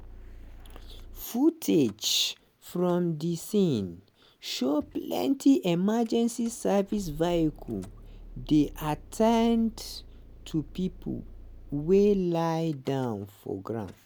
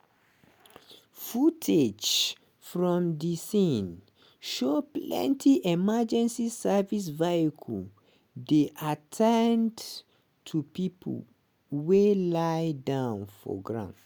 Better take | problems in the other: second | background sound (Idling / Engine starting / Door / Car); 19 dB below the speech

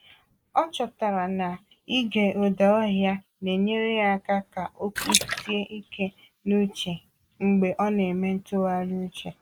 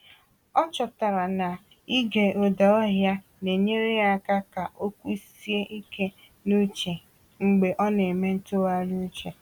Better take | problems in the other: second | noise reduction (neural mask model Resemble Enhance denoiser)

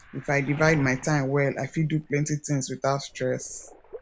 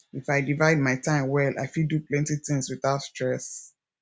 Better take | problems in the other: second | background sound (Waves, surf); 19 dB below the speech

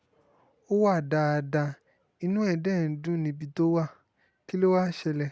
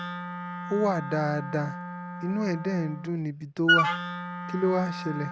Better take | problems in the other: first | background sound (Wind instrument, woodwind instrument); 2 dB below the speech

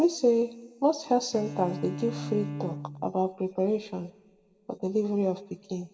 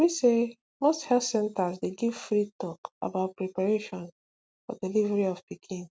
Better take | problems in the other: second | background sound (Bowed string instrument); 11 dB below the speech // room echo; dies away in 1.2 s

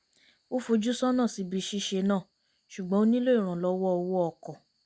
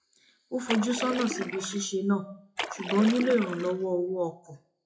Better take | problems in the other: first | noise reduction (classical method WPE with log-MMSE)

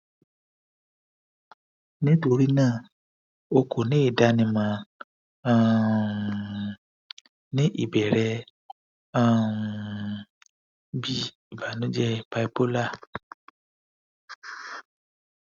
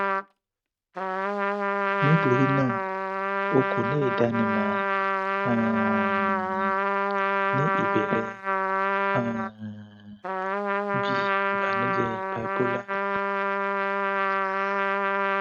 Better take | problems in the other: first | noise reduction (neural mask model RNNoise)

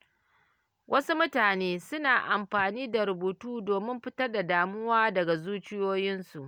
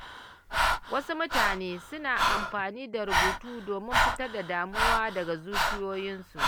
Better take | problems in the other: first | background sound (Breathing); 3 dB above the speech

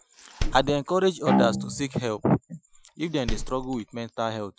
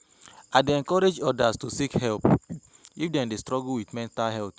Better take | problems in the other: second | noise reduction (classical method Wiener filter)

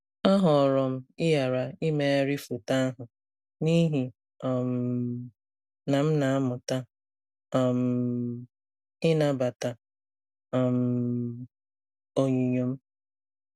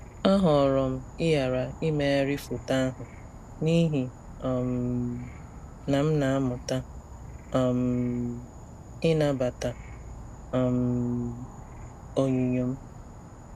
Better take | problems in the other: first | background sound (Insect / Frog); 15 dB below the speech

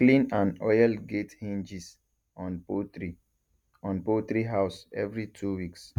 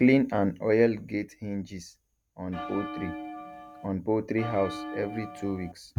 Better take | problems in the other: first | background sound (Bell); 10 dB below the speech

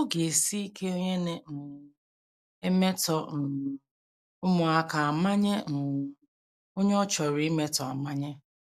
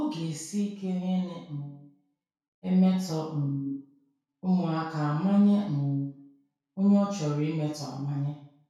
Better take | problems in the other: first | room echo; dies away in 0.6 s

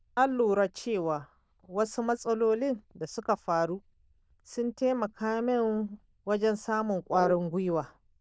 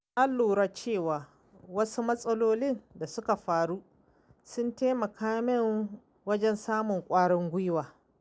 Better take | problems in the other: second | noise reduction (neural diffusion model UNIVERSE++)

